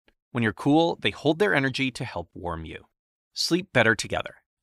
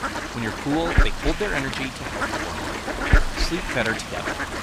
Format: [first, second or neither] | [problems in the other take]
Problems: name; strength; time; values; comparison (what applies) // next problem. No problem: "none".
first | animal sounds; very loud; throughout; 2 dB above the speech